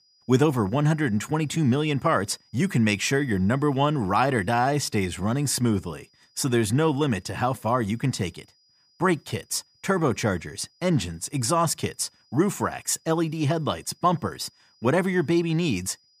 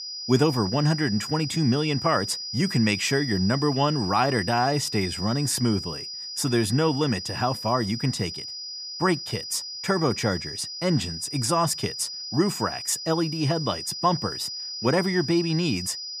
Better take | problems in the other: first | high-pitched whine; loud; throughout; 5 kHz, 7 dB below the speech; faint in the first

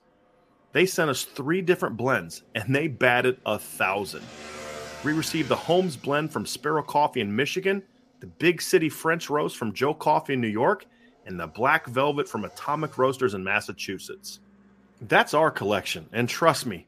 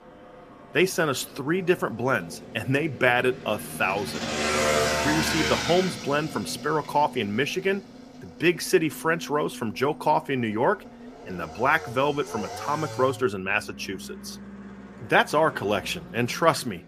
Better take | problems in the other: first | traffic noise; loud; throughout; 6 dB below the speech; faint in the first

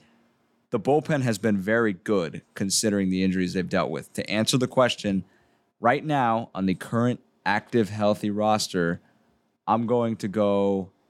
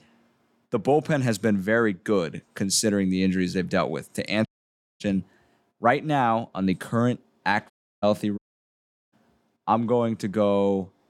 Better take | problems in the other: first | audio cutting out; at 4.5 s for 0.5 s, at 7.5 s and at 8.5 s for 0.5 s

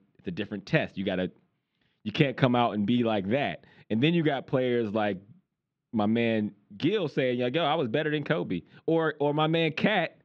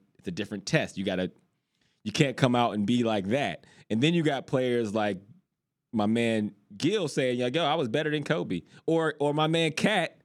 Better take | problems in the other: second | muffled; slightly; fading above 3.5 kHz

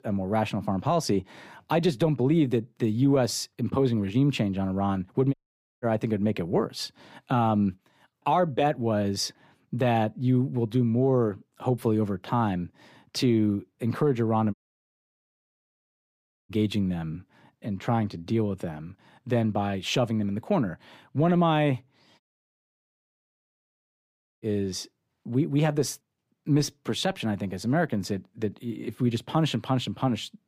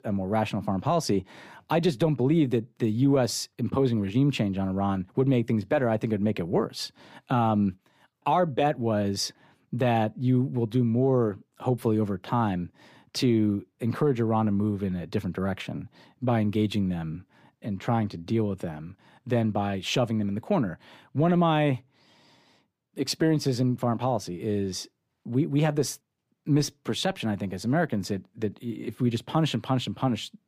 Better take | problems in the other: second | audio cutting out; at 5.5 s, at 15 s for 2 s and at 22 s for 2 s

